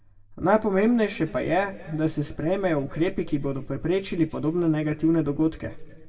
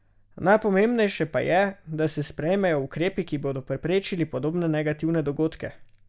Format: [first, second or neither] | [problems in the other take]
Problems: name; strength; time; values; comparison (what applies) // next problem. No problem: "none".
second | room echo; dies away in 1.7 s